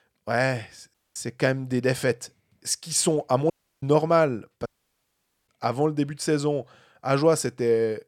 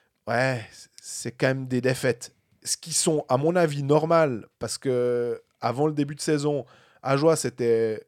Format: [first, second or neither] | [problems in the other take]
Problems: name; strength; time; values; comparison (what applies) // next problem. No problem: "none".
second | audio cutting out; at 1 s, at 3.5 s and at 4.5 s for 1 s